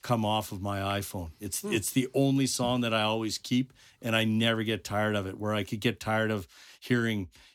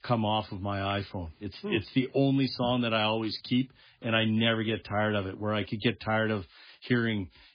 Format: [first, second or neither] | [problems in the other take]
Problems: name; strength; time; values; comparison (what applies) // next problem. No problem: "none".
first | garbled, watery; badly; nothing above 5 kHz